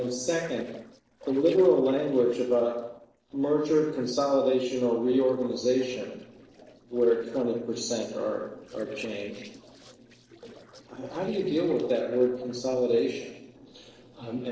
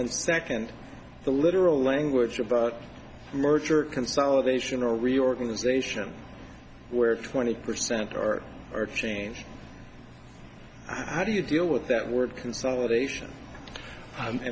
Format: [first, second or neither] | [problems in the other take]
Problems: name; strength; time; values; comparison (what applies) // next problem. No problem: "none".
second | noise reduction (neural separator model SepFormer DNS4)